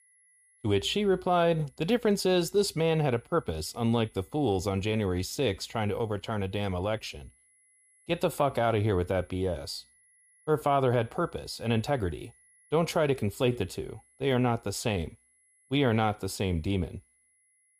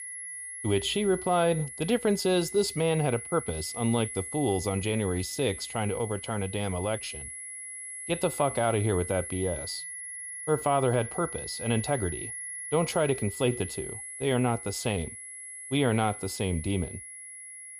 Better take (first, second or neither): first